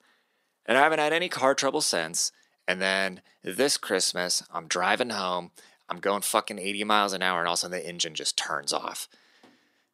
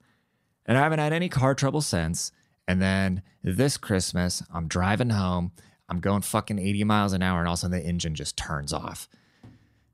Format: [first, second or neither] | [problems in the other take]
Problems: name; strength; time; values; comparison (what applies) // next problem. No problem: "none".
second | thin; very; fading below 350 Hz